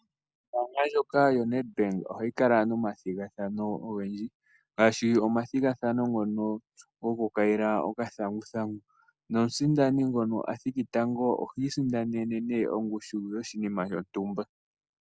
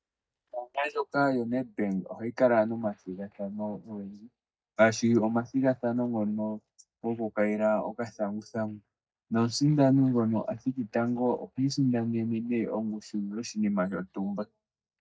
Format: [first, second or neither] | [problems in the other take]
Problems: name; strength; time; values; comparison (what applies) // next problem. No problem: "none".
first | noise reduction (neural mask model DeepFilterNet 3)